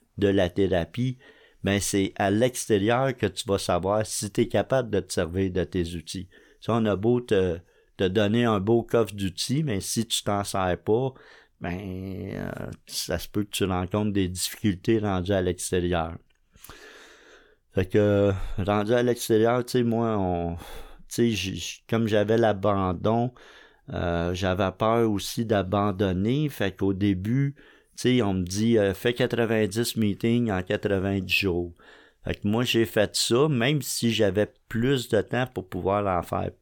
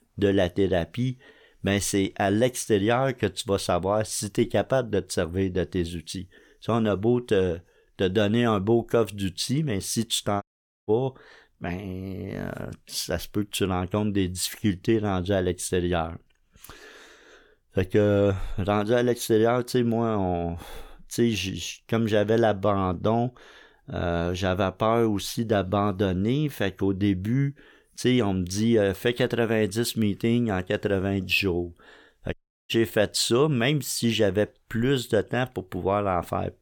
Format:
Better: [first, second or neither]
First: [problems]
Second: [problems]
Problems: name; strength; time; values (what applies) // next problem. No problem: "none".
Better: first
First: none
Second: audio cutting out; at 10 s and at 32 s